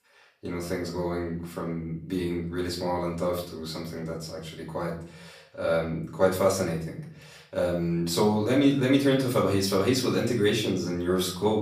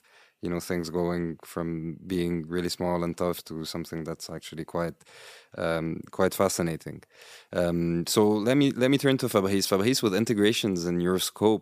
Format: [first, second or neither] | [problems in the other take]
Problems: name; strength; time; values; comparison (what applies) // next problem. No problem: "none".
second | off-mic speech; far // room echo; slight; dies away in 0.5 s